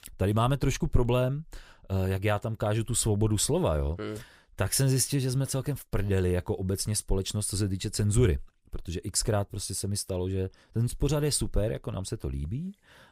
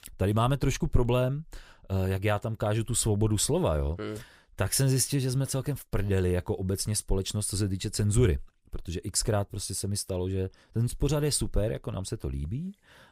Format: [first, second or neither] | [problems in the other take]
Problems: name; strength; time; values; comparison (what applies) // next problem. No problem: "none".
neither | none